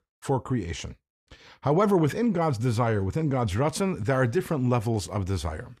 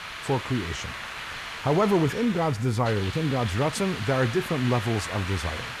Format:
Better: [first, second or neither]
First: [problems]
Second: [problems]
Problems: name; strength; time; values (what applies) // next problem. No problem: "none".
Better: first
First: none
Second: hiss; loud; throughout; 8 dB below the speech